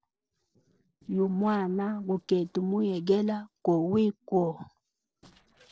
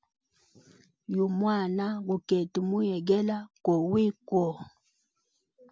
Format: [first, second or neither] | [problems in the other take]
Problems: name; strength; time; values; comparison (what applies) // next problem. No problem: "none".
second | noise reduction (neural separator model SepFormer DNS4)